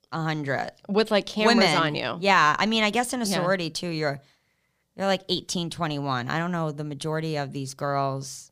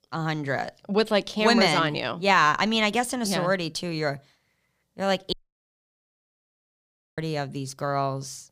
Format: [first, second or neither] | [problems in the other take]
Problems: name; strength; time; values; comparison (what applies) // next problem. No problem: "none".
first | audio cutting out; at 5.5 s for 2 s